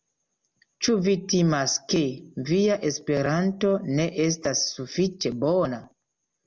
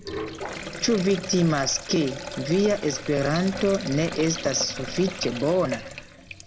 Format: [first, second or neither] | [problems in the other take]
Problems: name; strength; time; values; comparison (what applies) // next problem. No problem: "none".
first | background sound (Sink (filling or washing)); 10 dB below the speech